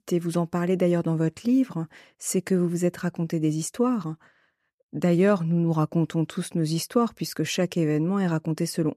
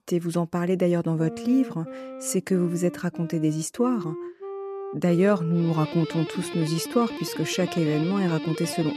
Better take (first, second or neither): first